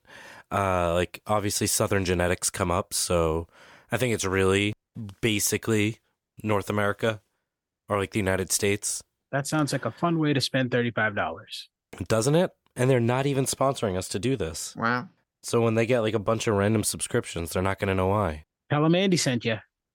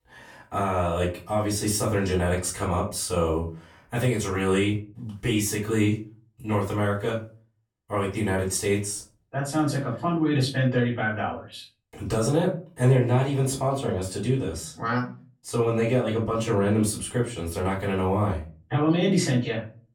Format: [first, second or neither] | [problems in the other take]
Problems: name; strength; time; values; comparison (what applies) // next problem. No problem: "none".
first | off-mic speech; far // room echo; slight; dies away in 0.3 s